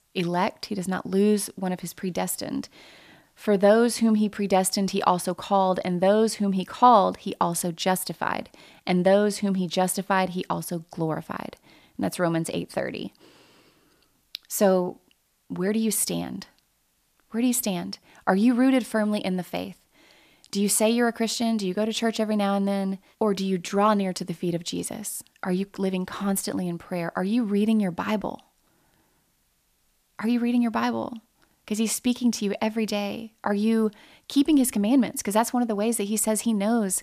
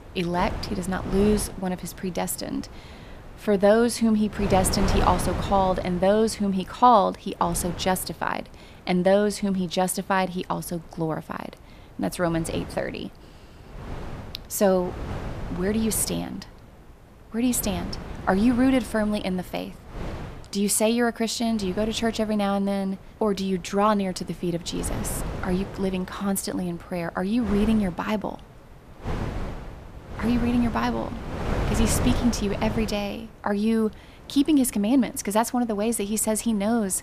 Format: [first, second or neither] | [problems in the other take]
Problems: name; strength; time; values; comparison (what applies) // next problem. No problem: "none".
first | wind noise on the microphone; occasional gusts; 10 dB below the speech